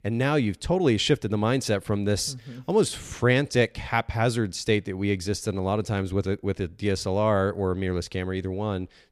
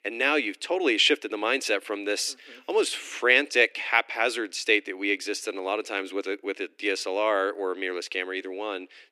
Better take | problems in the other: first | thin; somewhat; fading below 300 Hz

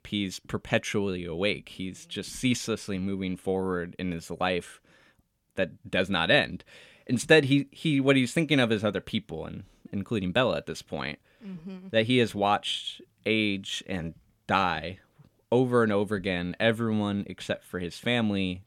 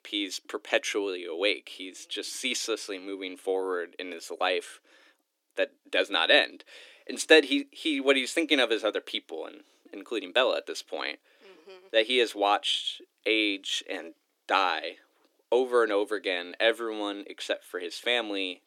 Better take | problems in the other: first | thin; somewhat; fading below 300 Hz

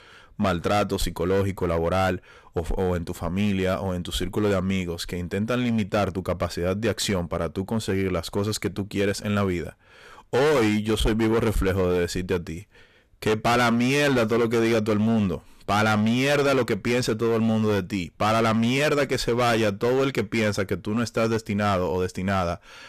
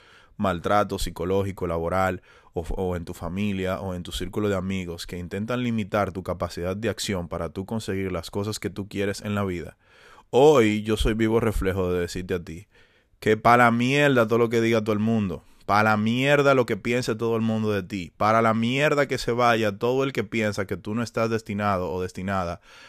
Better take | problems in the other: second | distortion; heavy; 14% of the sound clipped

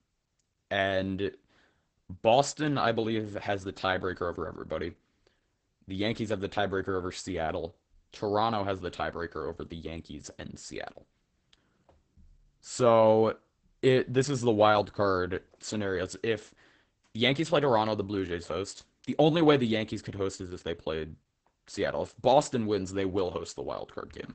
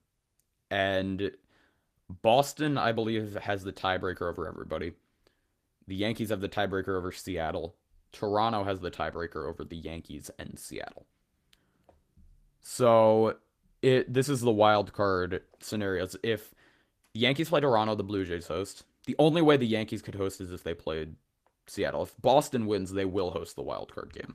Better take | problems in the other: second | garbled, watery; badly; nothing above 8 kHz; slightly in the second

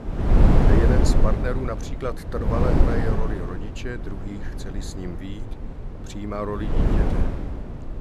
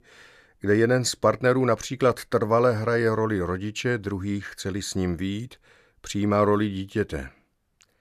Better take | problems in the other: second | wind noise on the microphone; heavy; 2 dB above the speech

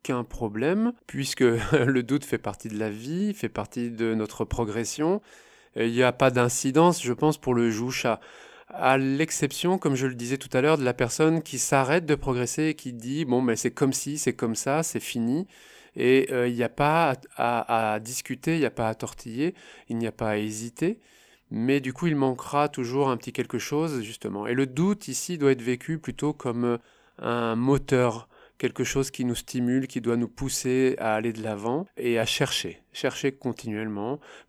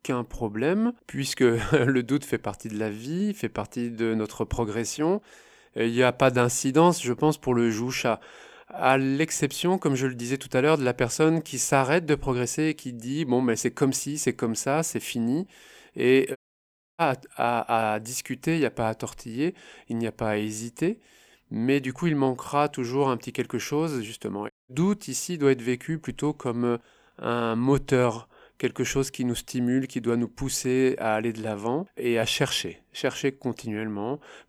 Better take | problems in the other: first | audio cutting out; at 16 s for 0.5 s and at 25 s

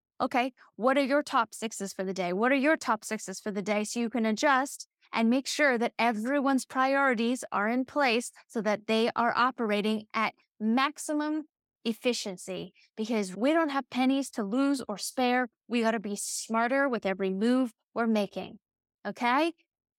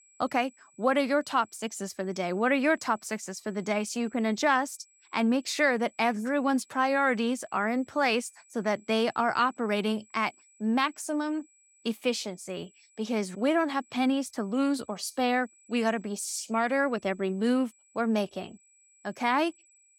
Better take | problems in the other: first | high-pitched whine; faint; throughout; 8 kHz, 30 dB below the speech

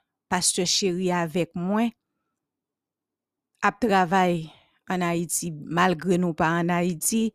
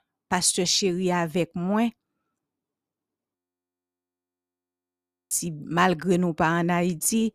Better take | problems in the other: first | audio freezing; at 3.5 s for 2 s

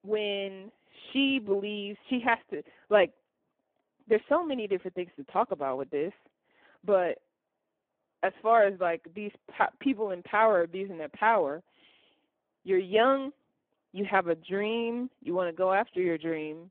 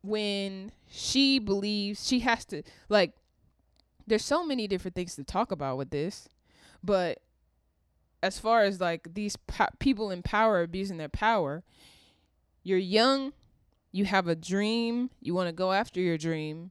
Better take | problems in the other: second | phone-call audio; poor line

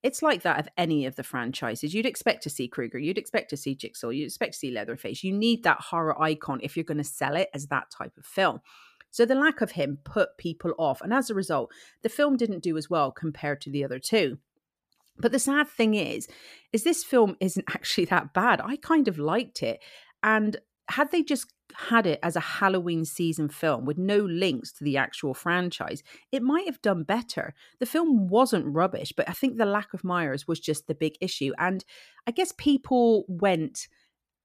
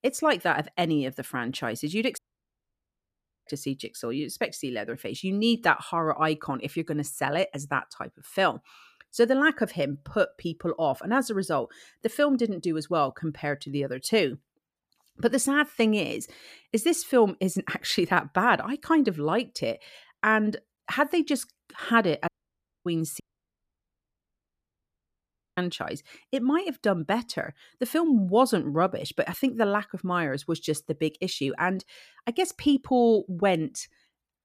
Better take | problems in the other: first | audio cutting out; at 2 s for 1.5 s, at 22 s for 0.5 s and at 23 s for 2.5 s

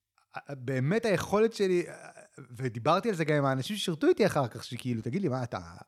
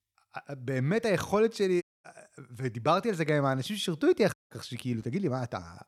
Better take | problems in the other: first | audio cutting out; at 2 s and at 4.5 s

